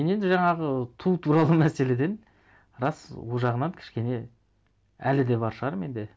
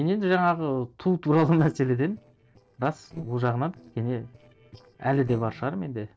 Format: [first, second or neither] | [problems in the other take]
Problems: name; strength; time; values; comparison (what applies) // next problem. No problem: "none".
first | noise reduction (neural separator model SepFormer DNS4)